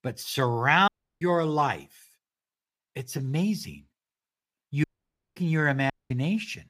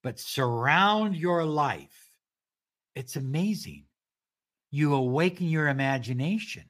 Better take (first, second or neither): second